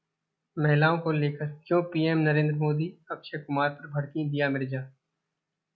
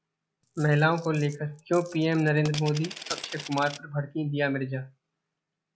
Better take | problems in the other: first | background sound (Coin (dropping)); 14 dB below the speech

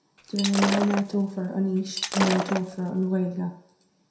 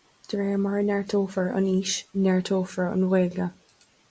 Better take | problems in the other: second | background sound (Shatter); 4 dB below the speech // room echo; dies away in 0.6 s

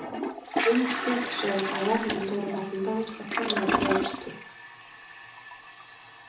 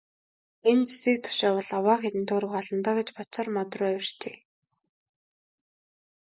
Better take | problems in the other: second | background sound (Toilet flush); 1 dB below the speech // room echo; dies away in 0.6 s

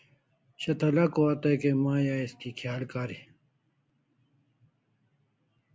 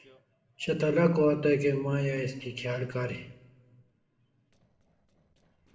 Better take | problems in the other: first | noise reduction (neural separator model SepFormer DNS4)

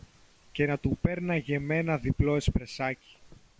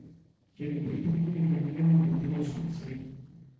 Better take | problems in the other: first | noise reduction (neural separator model SepFormer DNS4)

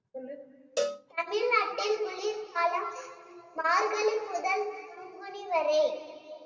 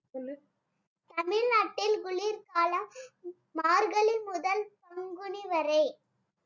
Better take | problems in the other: second | background sound (Cowbell); 8 dB below the speech // room echo; dies away in 1.8 s

